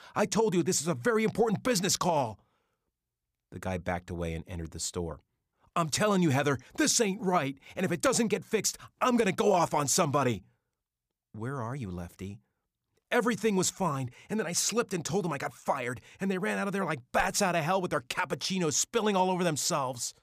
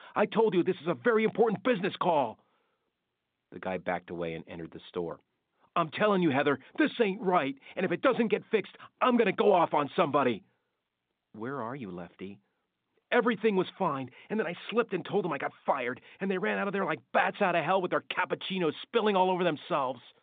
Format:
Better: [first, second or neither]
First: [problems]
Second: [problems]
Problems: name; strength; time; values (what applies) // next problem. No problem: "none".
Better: first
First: none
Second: phone-call audio; nothing above 3.5 kHz